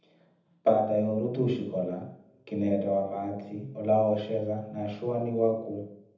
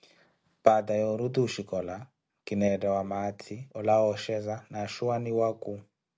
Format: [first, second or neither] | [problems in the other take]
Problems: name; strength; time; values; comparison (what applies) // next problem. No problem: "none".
second | room echo; dies away in 0.8 s